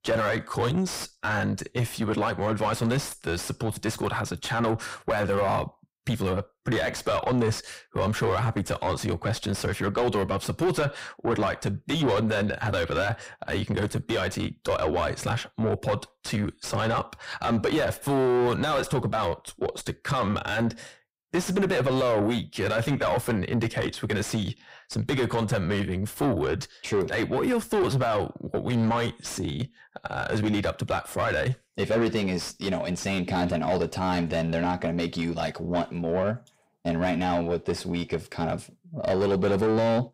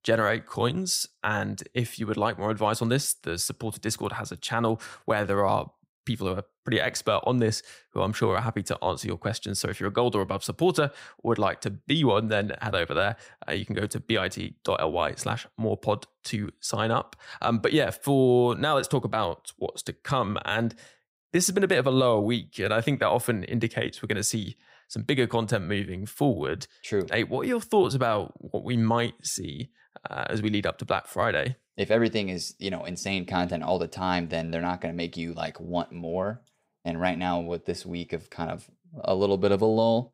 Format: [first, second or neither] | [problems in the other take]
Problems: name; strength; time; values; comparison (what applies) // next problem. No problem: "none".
second | distortion; heavy; 5 dB below the speech